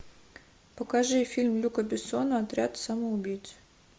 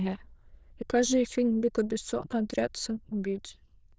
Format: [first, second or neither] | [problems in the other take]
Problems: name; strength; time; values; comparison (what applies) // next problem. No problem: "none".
first | noise reduction (neural diffusion model UNIVERSE++)